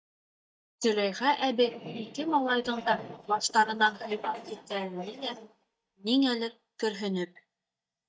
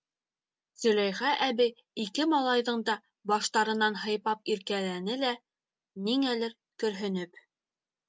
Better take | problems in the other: second | noise reduction (neural mask model DeepFilterNet 3)

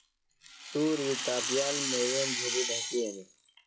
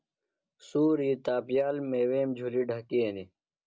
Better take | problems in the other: second | noise reduction (classical method log-MMSE)

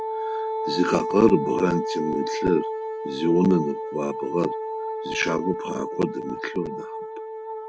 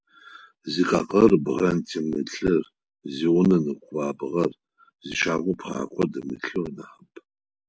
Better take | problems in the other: second | background sound (Wind instrument, woodwind instrument); 4 dB below the speech

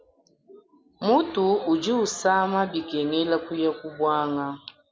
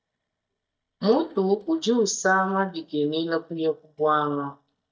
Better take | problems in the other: first | noise reduction (neural mask model DeepFilterNet 3)

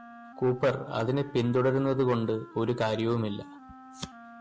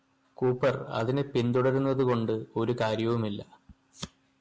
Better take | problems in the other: second | background sound (Wind instrument, woodwind instrument); 19 dB below the speech

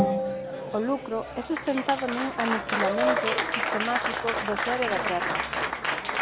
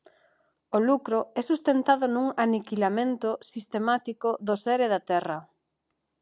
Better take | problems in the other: second | background sound (Applause); 2 dB above the speech

